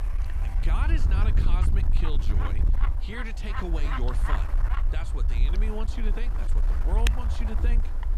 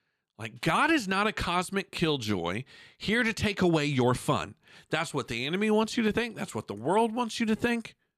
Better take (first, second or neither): second